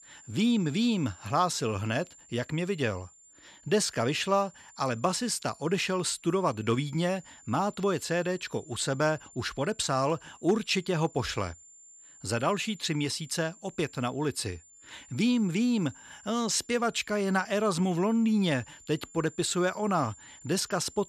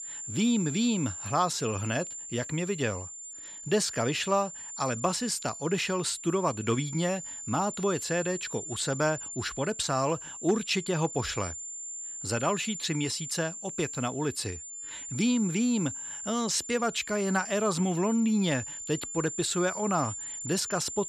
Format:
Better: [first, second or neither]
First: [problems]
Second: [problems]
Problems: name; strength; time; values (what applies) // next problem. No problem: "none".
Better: first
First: high-pitched whine; faint; throughout; 7 kHz, 20 dB below the speech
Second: high-pitched whine; loud; throughout; 7 kHz, 8 dB below the speech